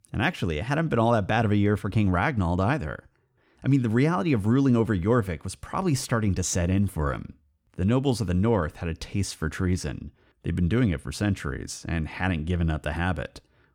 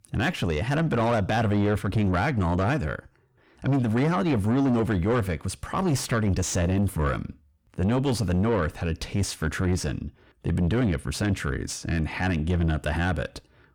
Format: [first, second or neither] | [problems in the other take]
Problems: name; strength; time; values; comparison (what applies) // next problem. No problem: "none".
first | distortion; heavy; 7 dB below the speech